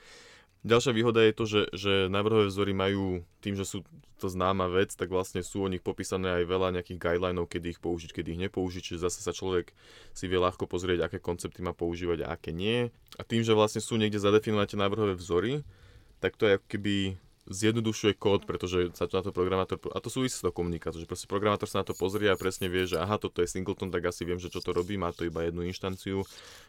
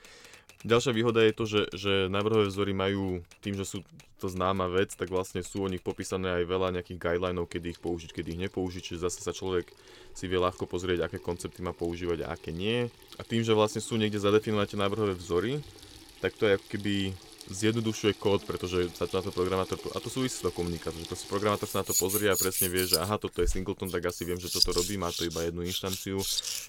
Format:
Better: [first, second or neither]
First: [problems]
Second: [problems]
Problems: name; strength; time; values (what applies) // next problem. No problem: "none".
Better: first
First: household noises; faint; throughout; 25 dB below the speech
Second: household noises; loud; throughout; 3 dB below the speech